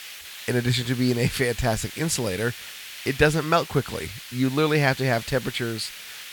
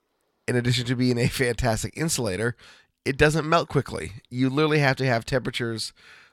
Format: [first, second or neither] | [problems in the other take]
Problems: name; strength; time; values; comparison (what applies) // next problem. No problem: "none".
second | hiss; noticeable; throughout; 15 dB below the speech